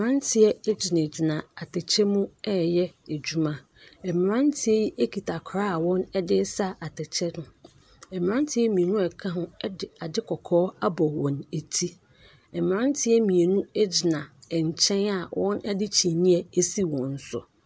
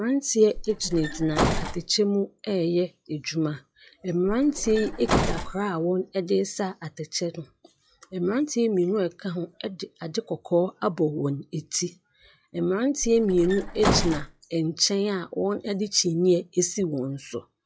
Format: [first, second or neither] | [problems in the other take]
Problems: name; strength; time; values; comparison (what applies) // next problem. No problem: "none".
first | noise reduction (classical method log-MMSE)